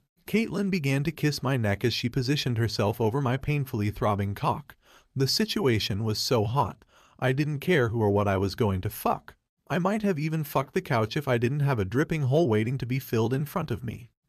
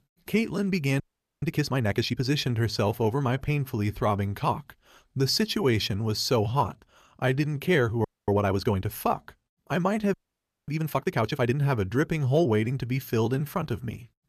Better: first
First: none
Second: audio freezing; at 1 s, at 8 s and at 10 s for 0.5 s

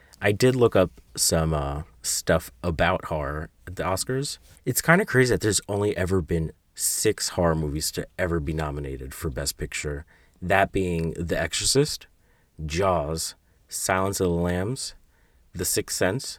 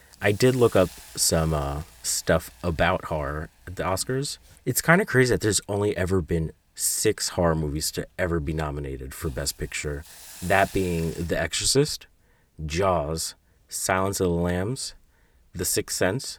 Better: first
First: none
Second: hiss; noticeable; until 11 s; 20 dB below the speech

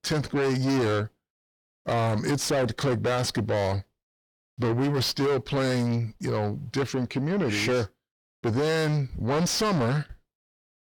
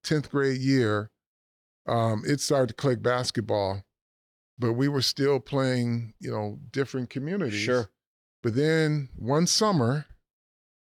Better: second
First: distortion; heavy; 6 dB below the speech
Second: none

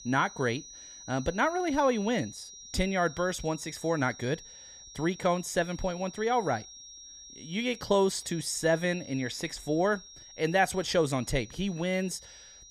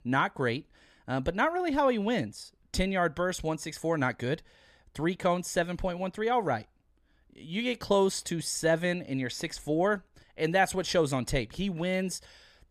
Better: second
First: high-pitched whine; noticeable; throughout; 6 kHz, 15 dB below the speech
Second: none

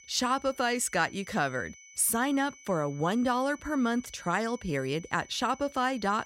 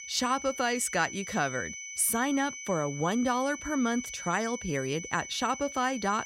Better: first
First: high-pitched whine; faint; throughout; 6 kHz, 20 dB below the speech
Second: high-pitched whine; loud; throughout; 6 kHz, 9 dB below the speech

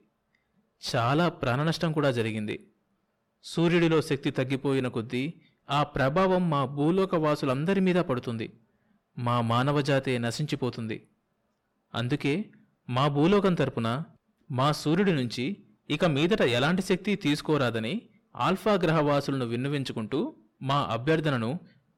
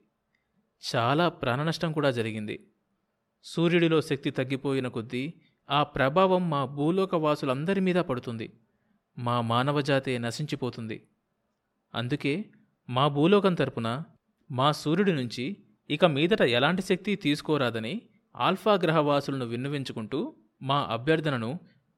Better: second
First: distortion; slight; 10 dB below the speech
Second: none

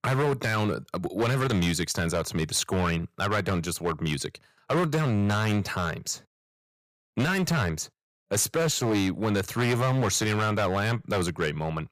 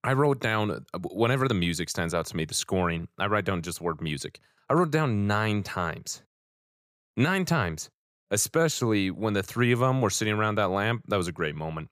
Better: second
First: distortion; heavy; 12% of the sound clipped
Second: none

